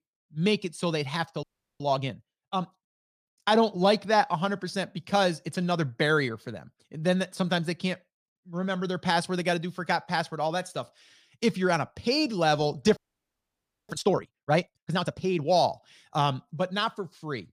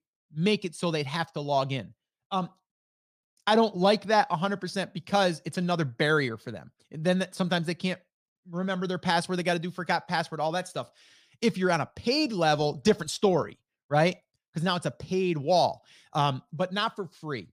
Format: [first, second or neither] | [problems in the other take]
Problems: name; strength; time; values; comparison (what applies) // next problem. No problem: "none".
second | audio freezing; at 1.5 s and at 13 s for 1 s